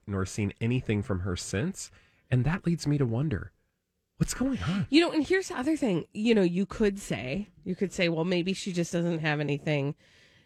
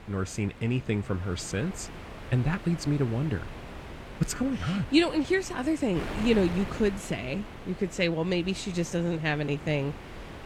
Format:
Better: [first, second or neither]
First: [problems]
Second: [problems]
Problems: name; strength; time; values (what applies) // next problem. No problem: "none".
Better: first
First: none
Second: wind noise on the microphone; occasional gusts; 10 dB below the speech